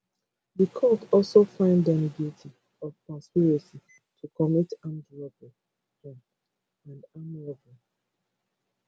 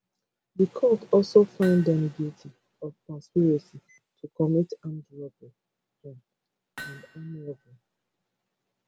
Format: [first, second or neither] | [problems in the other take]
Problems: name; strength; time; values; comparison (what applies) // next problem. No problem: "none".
first | background sound (Hammer); 20 dB below the speech